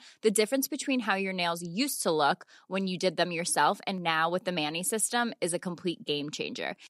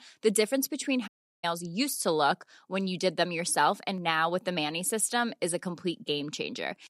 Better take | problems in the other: first | audio cutting out; at 1 s

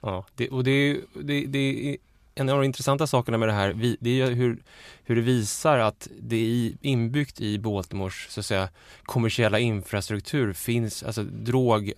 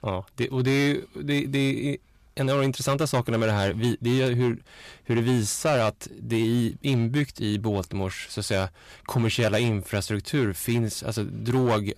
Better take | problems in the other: first | distortion; slight; 7% of the sound clipped

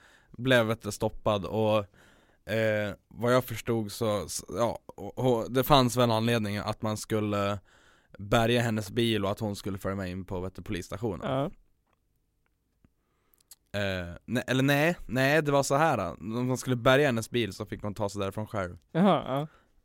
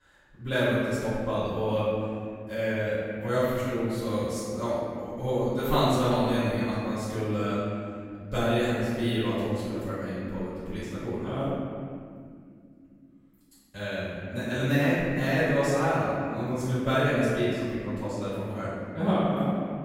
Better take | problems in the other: first | off-mic speech; far // room echo; strong; dies away in 2.2 s

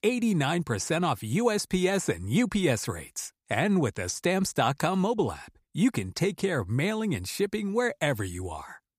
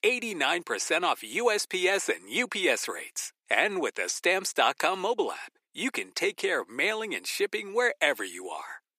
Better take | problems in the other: first | thin; very; fading below 350 Hz

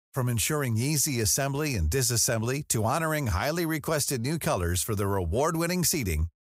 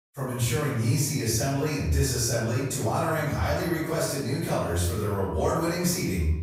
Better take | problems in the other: first | off-mic speech; far // room echo; noticeable; dies away in 0.9 s

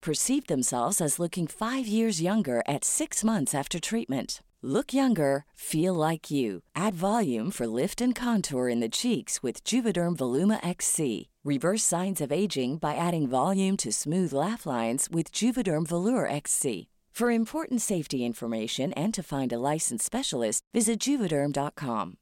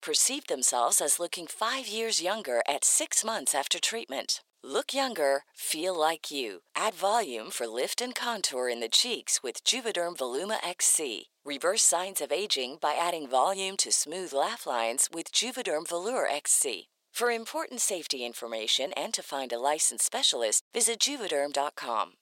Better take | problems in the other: first | thin; very; fading below 500 Hz

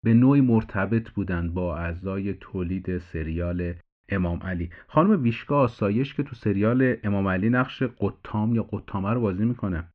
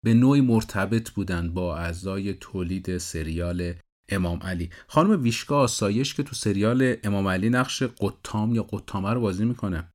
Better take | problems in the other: second | muffled; very; fading above 2.5 kHz

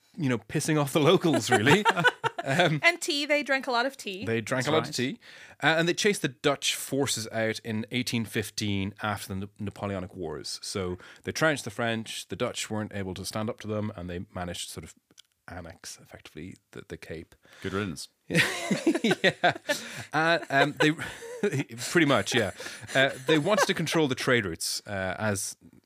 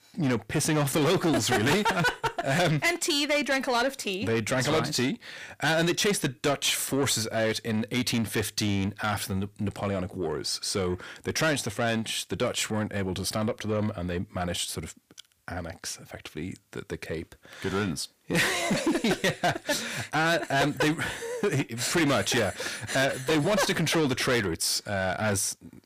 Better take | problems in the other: first | distortion; heavy; 6 dB below the speech

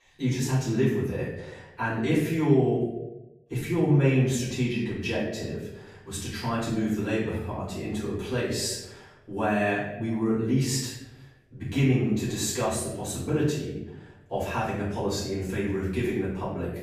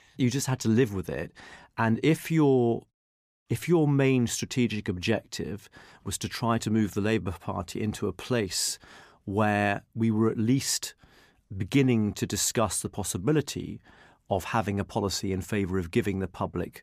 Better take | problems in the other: second | off-mic speech; far // room echo; noticeable; dies away in 0.8 s

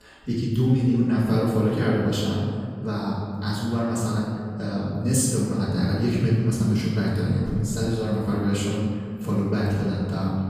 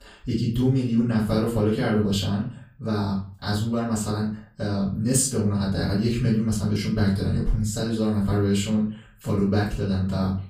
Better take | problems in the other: second | room echo; strong; dies away in 2 s; slight in the second // off-mic speech; far; far in the second

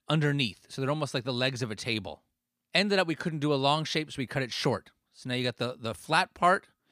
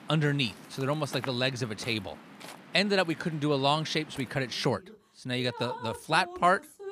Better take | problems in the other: first | rain or running water; noticeable; throughout; 15 dB below the speech

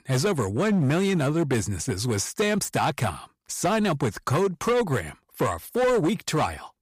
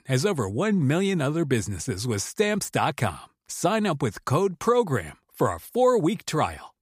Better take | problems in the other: second | distortion; slight; 12% of the sound clipped

